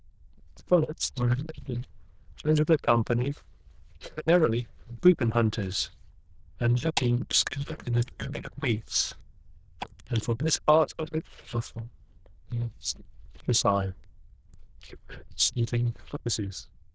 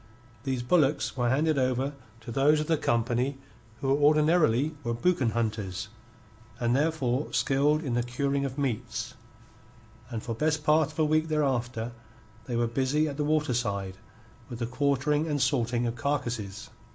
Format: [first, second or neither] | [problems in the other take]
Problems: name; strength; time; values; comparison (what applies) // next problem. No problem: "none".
second | noise reduction (neural diffusion model UNIVERSE++)